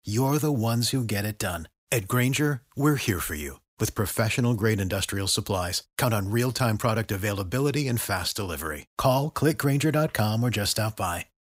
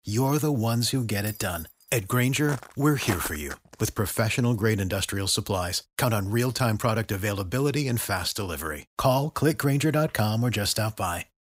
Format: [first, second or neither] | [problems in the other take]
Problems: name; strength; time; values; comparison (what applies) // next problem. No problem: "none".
first | jangling keys; faint; at 1.5 s; peak 10 dB below the speech // footsteps; noticeable; from 2.5 to 3.5 s; peak 8 dB below the speech